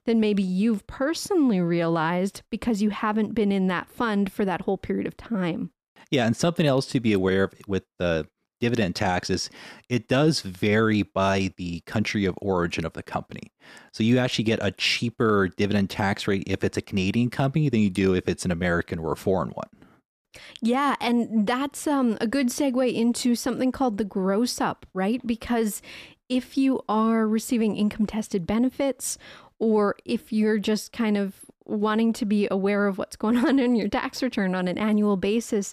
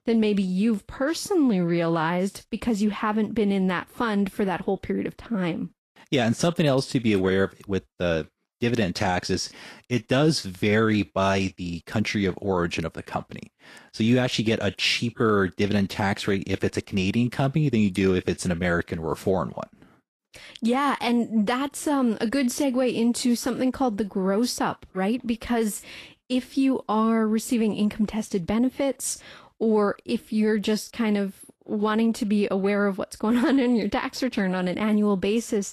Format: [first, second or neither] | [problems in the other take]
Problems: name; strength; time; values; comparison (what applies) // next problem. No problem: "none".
first | garbled, watery; slightly; nothing above 13 kHz